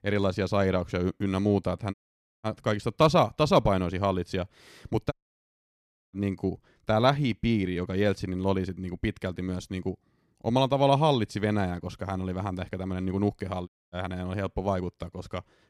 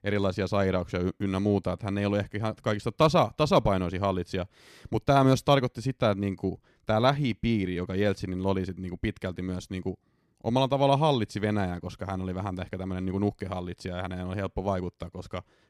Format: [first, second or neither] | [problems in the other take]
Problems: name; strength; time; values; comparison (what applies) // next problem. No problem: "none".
second | audio cutting out; at 2 s, at 5 s for 1 s and at 14 s